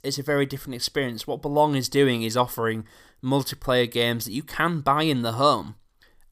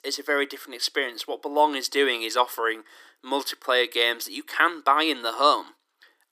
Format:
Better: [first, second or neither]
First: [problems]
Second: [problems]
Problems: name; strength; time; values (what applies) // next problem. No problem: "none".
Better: first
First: none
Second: thin; somewhat; fading below 300 Hz